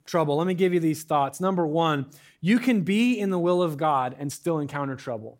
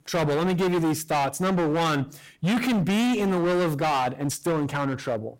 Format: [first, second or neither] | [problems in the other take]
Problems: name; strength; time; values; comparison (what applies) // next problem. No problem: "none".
first | distortion; heavy; 29% of the sound clipped